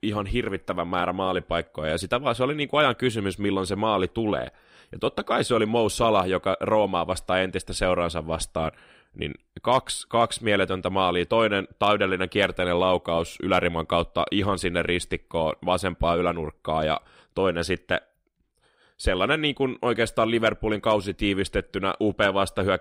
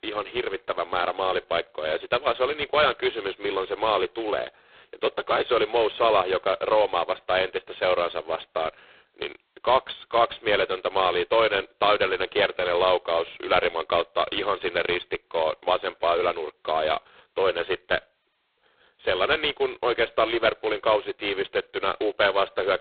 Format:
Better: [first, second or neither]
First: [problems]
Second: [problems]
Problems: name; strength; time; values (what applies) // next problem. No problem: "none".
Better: first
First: none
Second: phone-call audio; poor line; nothing above 4 kHz